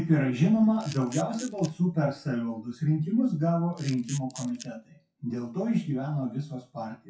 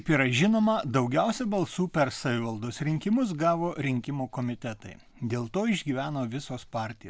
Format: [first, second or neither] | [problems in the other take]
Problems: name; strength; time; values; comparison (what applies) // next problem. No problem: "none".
second | noise reduction (classical method WPE with log-MMSE)